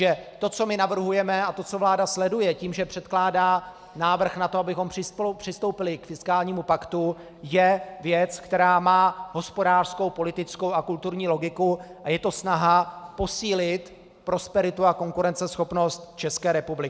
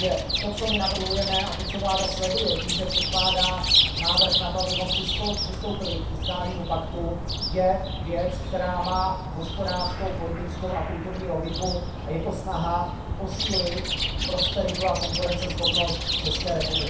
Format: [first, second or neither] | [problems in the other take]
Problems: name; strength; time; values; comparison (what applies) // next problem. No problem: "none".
first | background sound (Chirp, tweet); 2 dB above the speech // room echo; dies away in 0.7 s